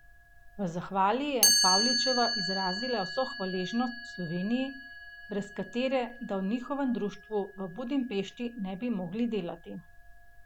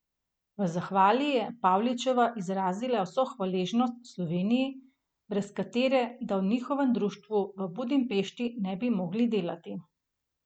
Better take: second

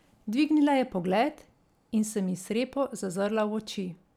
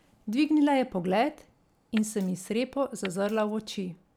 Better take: first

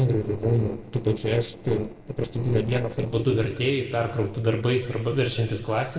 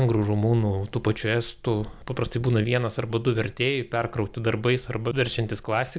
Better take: second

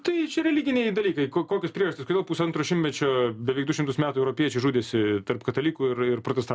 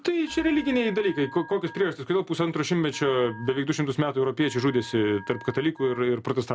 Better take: first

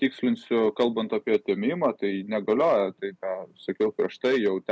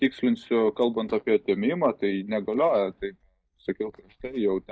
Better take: first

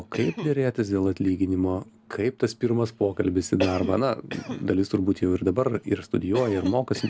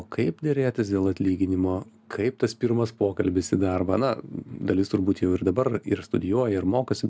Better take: second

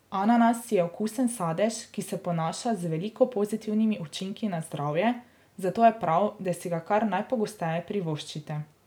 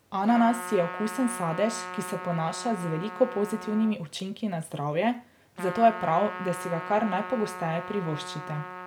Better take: first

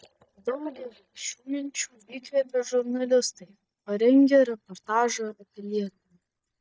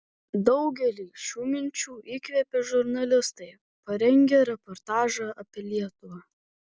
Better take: second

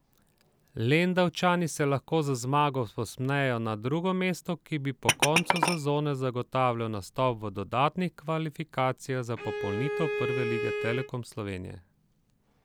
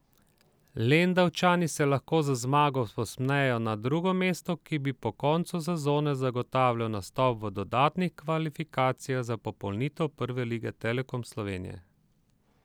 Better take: second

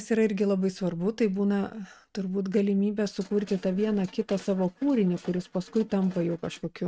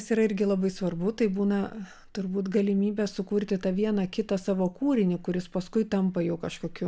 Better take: second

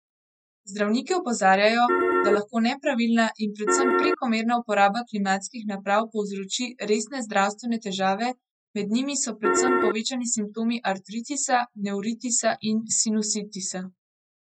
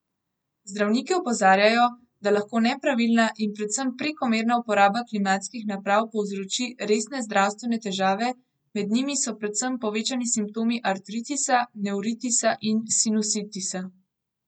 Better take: second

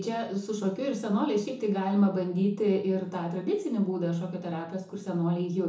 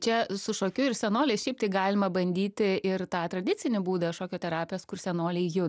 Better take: second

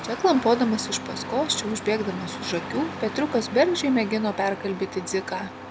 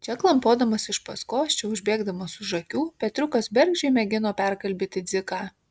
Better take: second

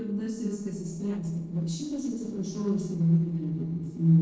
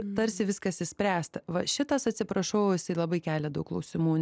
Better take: second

